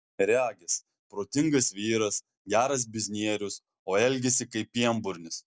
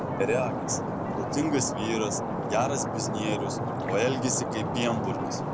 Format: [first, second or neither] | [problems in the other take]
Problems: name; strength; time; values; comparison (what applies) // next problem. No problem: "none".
first | background sound (Stream); as loud as the speech